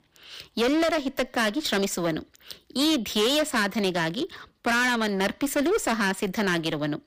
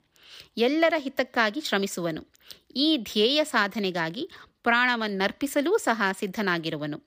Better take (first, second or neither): second